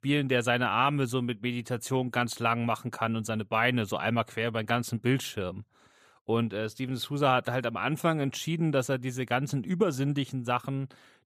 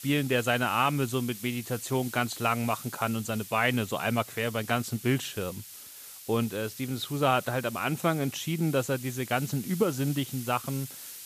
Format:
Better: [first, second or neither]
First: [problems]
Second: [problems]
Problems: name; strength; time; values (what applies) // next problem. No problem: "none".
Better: first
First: none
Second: hiss; noticeable; throughout; 15 dB below the speech